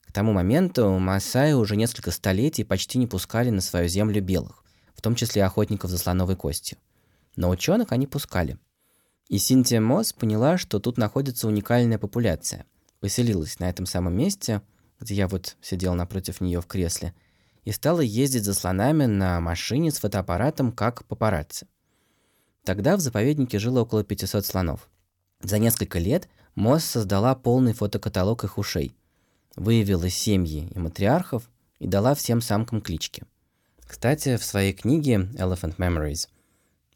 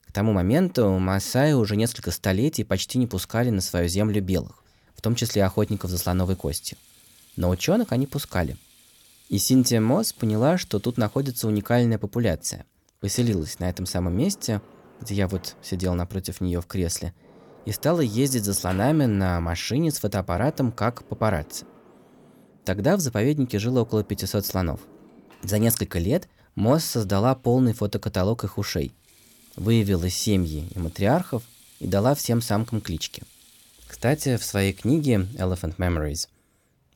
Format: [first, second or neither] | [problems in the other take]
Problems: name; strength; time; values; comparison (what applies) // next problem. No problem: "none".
first | household noises; faint; throughout; 25 dB below the speech